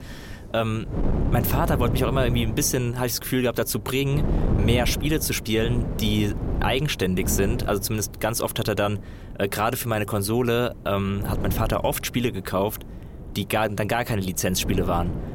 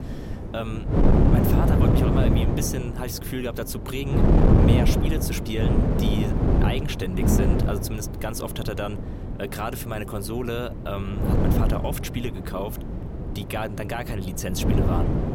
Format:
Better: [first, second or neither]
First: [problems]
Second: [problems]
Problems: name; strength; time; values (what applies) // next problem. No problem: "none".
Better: first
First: wind noise on the microphone; occasional gusts; 10 dB below the speech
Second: wind noise on the microphone; heavy; 2 dB above the speech